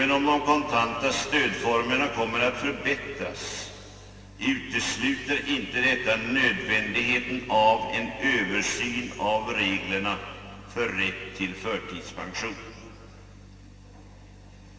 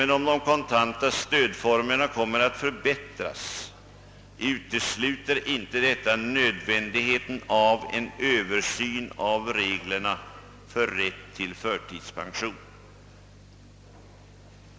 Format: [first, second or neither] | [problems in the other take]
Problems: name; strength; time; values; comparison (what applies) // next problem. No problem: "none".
second | room echo; dies away in 2.4 s